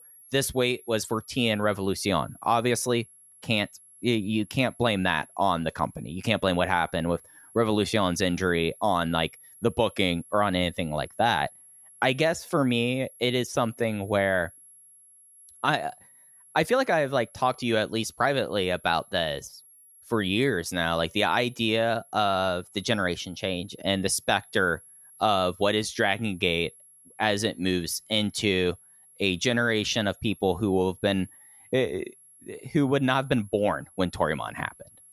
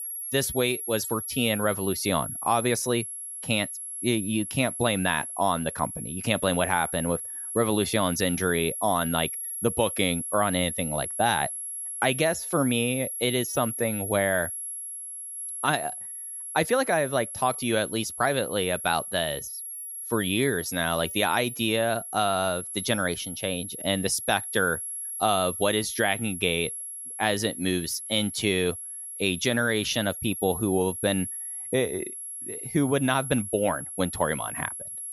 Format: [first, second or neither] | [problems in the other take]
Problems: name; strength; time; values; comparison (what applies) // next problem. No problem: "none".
first | high-pitched whine; loud; throughout; 11 kHz, 6 dB below the speech; faint in the first